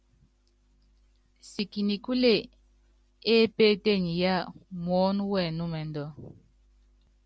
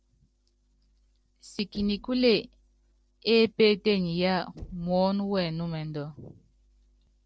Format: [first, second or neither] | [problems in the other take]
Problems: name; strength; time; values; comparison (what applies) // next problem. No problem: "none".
first | noise reduction (neural separator model SepFormer DNS4)